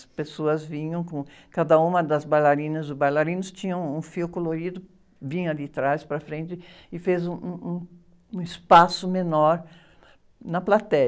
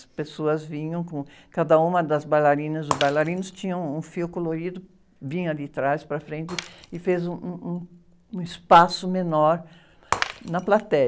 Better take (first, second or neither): first